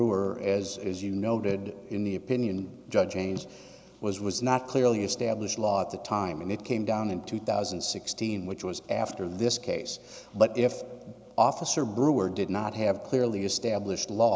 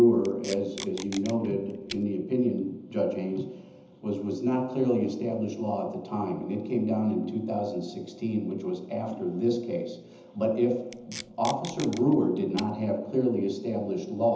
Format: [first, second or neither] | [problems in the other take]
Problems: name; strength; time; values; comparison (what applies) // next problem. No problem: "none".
first | background sound (Packing tape, duct tape); 15 dB below the speech // room echo; dies away in 0.8 s